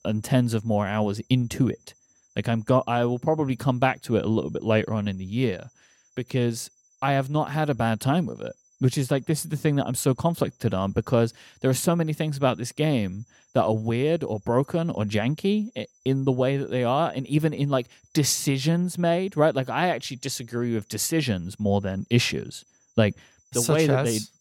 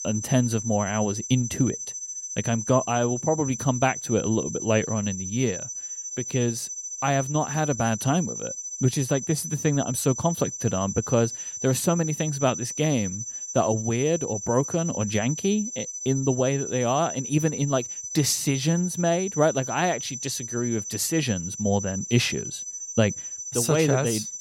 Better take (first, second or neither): first